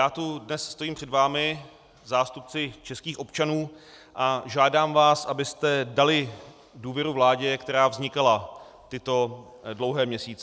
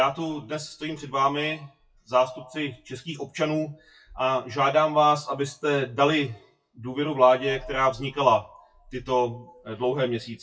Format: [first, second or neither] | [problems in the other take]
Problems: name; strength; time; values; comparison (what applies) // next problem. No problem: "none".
first | noise reduction (classical method WPE with log-MMSE)